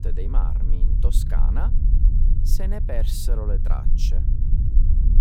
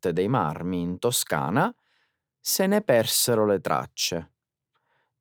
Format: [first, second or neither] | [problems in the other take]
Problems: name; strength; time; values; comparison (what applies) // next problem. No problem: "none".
second | low rumble; loud; throughout; 5 dB below the speech